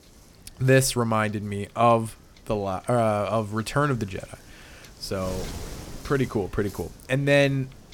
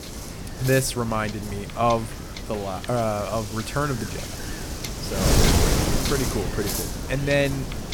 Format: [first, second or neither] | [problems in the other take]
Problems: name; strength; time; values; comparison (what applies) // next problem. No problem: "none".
first | wind noise on the microphone; heavy; 4 dB below the speech; occasional gusts in the first